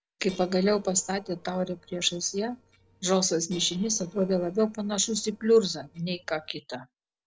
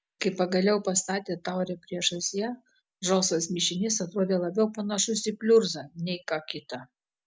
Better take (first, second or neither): second